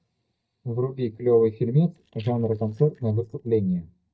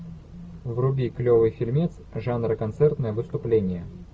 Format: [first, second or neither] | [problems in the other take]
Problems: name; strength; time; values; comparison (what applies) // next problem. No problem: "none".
second | noise reduction (neural mask model DeepFilterNet 3)